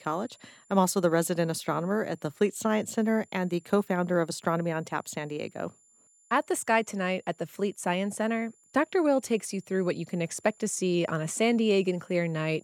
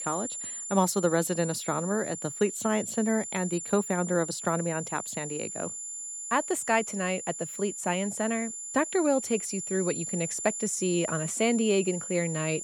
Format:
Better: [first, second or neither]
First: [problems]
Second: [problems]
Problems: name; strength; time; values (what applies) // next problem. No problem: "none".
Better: first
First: high-pitched whine; faint; throughout; 7 kHz, 30 dB below the speech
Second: high-pitched whine; loud; throughout; 7 kHz, 6 dB below the speech